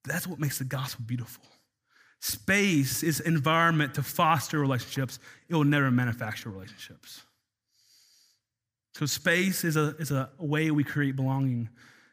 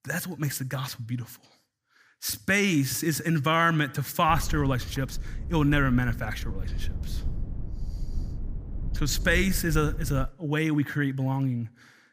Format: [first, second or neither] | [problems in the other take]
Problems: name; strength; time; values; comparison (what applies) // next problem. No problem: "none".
first | low rumble; faint; from 4.5 to 10 s; 20 dB below the speech